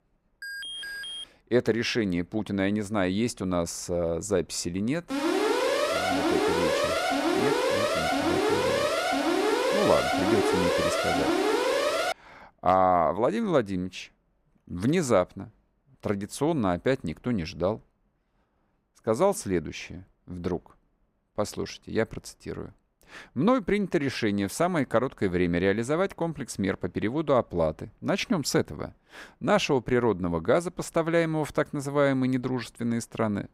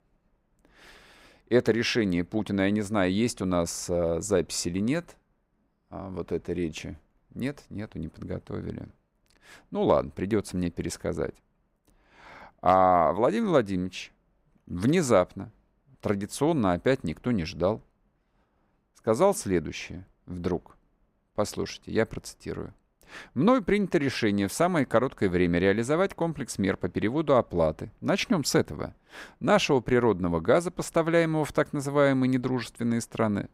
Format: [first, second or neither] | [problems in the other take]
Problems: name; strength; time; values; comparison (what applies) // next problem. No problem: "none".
second | alarm; noticeable; at 0.5 s; peak 7 dB below the speech // alarm; loud; from 5 to 12 s; peak 3 dB above the speech